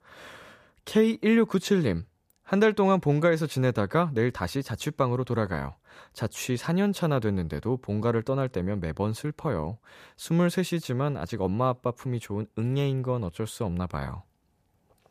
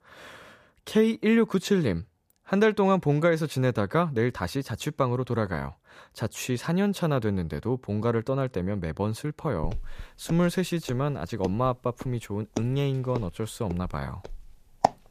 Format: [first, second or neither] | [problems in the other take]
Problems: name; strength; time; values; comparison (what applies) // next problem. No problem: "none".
first | footsteps; noticeable; from 9.5 s on; peak level with the speech